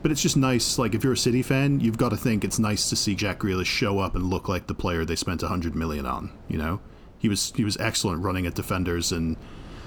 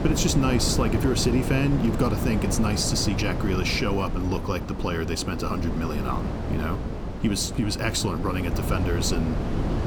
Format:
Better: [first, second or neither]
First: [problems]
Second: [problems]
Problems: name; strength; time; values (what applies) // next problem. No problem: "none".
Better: first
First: wind noise on the microphone; occasional gusts; 25 dB below the speech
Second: wind noise on the microphone; heavy; 6 dB below the speech